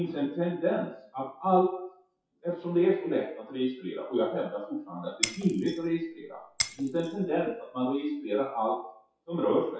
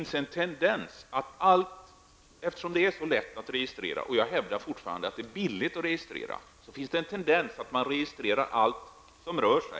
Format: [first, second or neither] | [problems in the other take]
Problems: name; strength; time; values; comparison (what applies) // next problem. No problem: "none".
second | noise reduction (classical method WPE with log-MMSE)